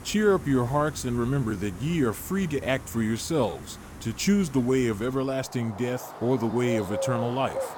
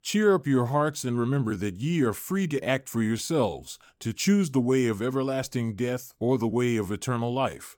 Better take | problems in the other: second | animal sounds; noticeable; throughout; 10 dB below the speech

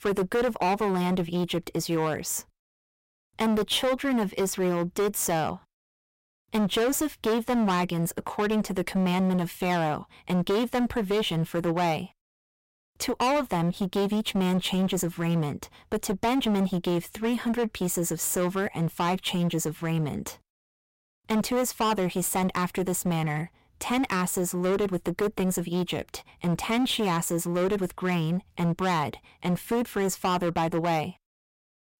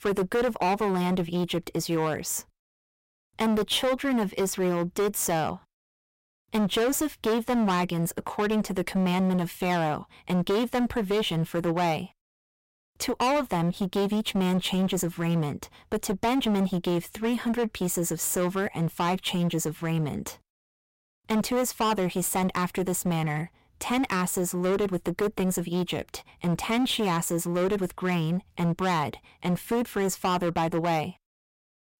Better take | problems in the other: neither | distortion; heavy; 17% of the sound clipped; the same in both

